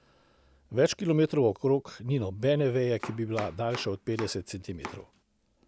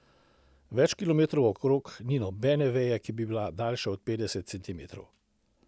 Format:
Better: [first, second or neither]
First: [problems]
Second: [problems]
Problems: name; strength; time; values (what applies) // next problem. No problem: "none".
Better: second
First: background sound (Domestic sounds, home sounds); 14 dB below the speech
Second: none